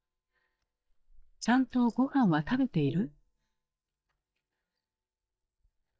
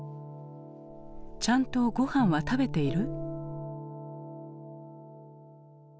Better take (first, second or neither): second